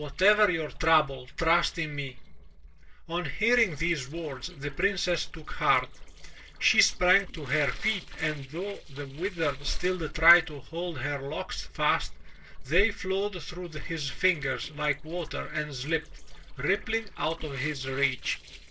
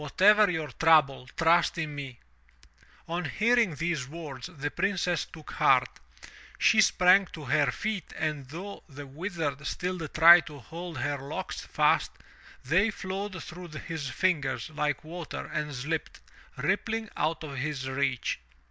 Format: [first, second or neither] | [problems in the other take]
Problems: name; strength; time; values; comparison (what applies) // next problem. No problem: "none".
second | noise reduction (neural separator model SepFormer DNS4)